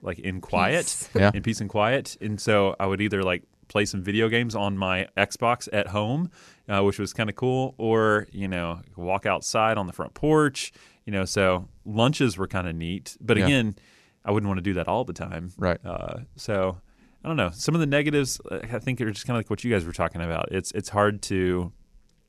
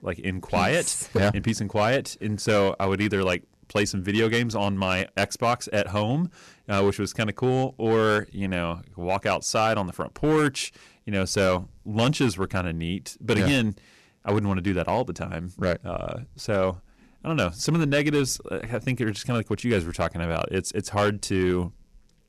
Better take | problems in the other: first | distortion; slight; 4% of the sound clipped

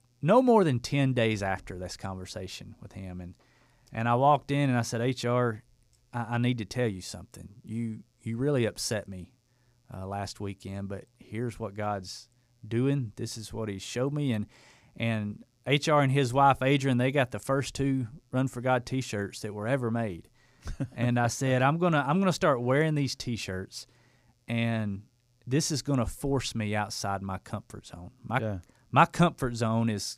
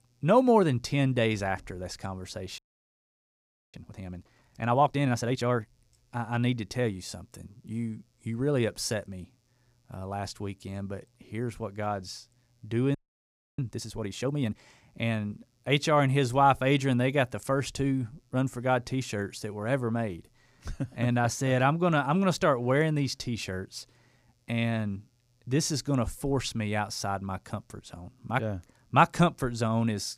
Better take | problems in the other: first | audio freezing; at 2.5 s for 1 s and at 13 s for 0.5 s

